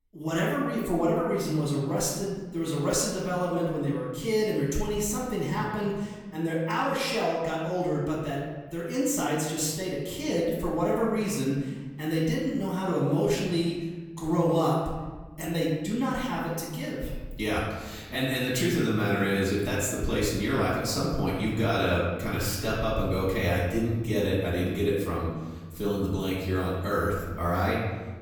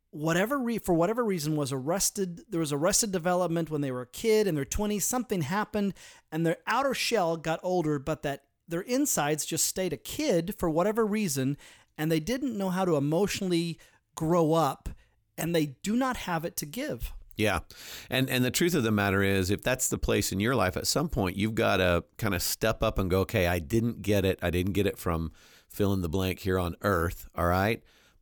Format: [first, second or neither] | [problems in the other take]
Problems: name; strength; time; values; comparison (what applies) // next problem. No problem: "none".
second | off-mic speech; far // room echo; noticeable; dies away in 1.2 s